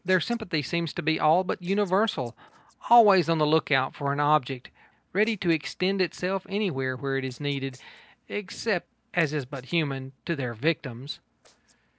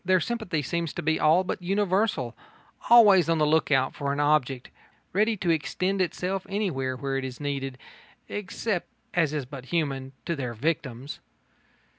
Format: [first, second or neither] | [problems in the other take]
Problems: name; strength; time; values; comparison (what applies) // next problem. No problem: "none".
second | noise reduction (neural separator model SepFormer DNS4)